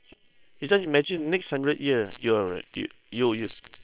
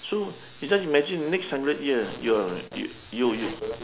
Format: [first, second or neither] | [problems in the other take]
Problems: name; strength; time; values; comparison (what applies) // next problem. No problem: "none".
second | noise reduction (neural separator model SepFormer WHAM!)